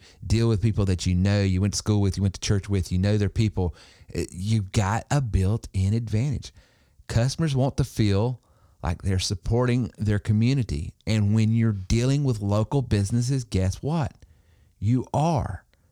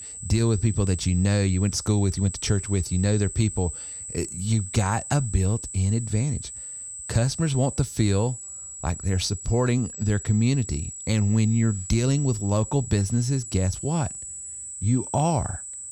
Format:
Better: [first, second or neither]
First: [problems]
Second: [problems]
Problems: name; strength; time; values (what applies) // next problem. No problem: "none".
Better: first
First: none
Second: high-pitched whine; loud; throughout; 8 kHz, 10 dB below the speech